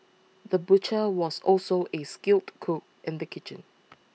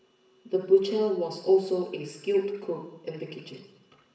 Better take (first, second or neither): first